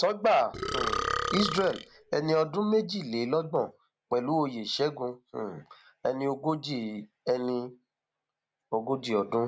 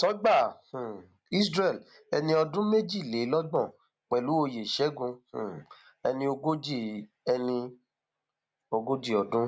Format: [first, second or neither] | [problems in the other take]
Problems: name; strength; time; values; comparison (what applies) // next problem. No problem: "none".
second | background sound (Burping, eructation); 3 dB below the speech